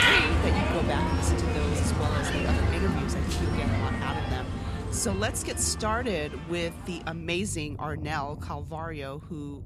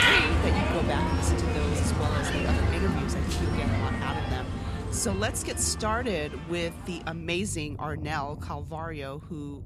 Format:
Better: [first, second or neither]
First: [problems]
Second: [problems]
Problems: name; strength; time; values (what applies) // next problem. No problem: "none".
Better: neither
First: animal sounds; very loud; throughout; 3 dB above the speech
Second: animal sounds; very loud; throughout; 3 dB above the speech